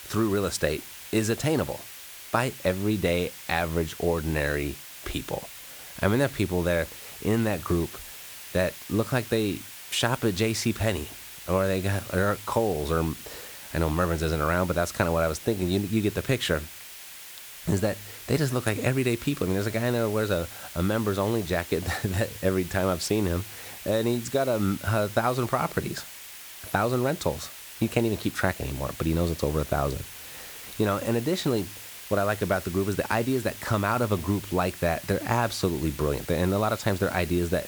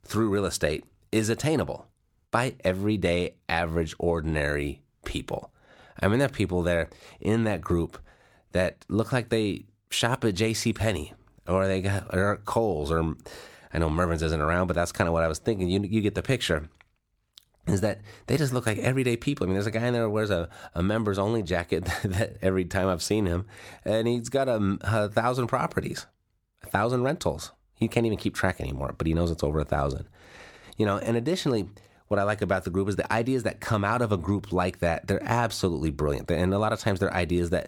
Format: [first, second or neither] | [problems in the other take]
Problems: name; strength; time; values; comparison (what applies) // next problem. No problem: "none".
second | hiss; noticeable; throughout; 10 dB below the speech